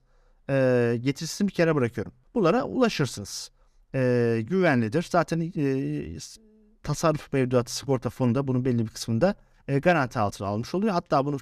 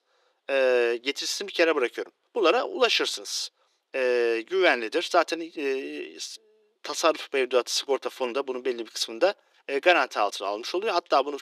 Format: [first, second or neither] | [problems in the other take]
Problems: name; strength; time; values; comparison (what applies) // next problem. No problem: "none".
first | thin; very; fading below 350 Hz